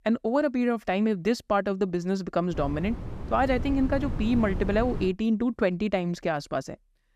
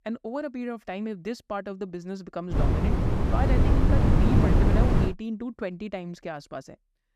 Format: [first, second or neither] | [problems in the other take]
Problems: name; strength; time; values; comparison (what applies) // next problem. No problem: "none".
first | wind noise on the microphone; heavy; from 2.5 to 5 s; 4 dB above the speech; occasional gusts in the first